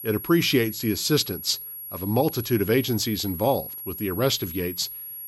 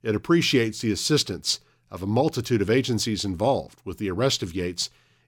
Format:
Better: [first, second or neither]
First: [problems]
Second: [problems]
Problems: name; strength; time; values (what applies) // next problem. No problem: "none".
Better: second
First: high-pitched whine; loud; throughout; 11.5 kHz, 9 dB below the speech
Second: none